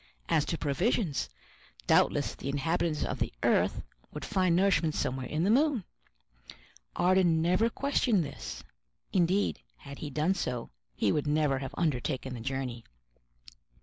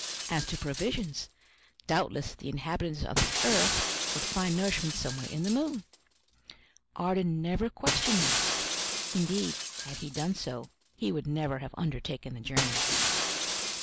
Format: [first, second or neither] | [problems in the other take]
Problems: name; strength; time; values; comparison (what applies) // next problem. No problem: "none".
first | background sound (Shatter); 1 dB below the speech